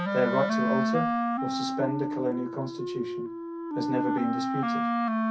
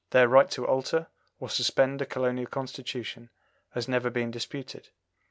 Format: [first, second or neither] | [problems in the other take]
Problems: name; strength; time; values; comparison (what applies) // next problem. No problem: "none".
second | background sound (Wind instrument, woodwind instrument); 3 dB above the speech // room echo; dies away in 0.3 s